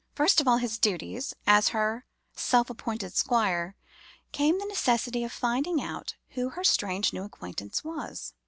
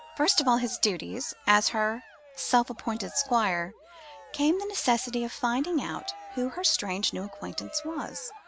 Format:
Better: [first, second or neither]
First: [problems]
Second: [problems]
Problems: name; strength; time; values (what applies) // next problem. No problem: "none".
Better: first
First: none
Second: background sound (Cheering); 19 dB below the speech